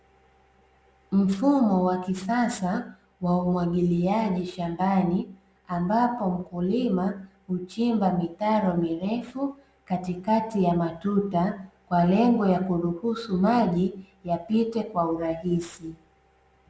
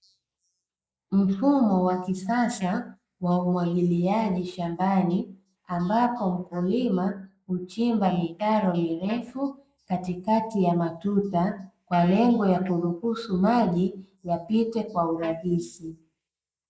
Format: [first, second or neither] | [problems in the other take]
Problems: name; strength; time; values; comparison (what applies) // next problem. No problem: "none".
first | noise reduction (neural mask model Resemble Enhance denoiser)